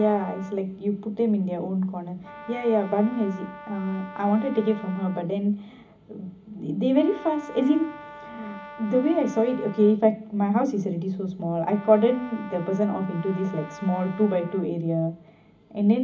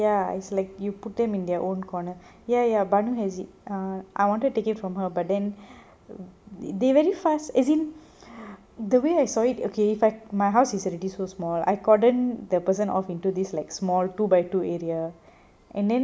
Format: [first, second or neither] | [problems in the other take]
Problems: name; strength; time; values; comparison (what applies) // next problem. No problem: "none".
second | background sound (Brass instrument); 18 dB below the speech // room echo; dies away in 0.4 s